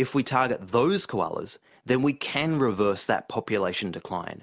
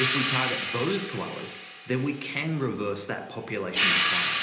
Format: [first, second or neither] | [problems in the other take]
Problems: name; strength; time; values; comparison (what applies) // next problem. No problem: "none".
first | background sound (Hi-hat); 1 dB above the speech // room echo; dies away in 1 s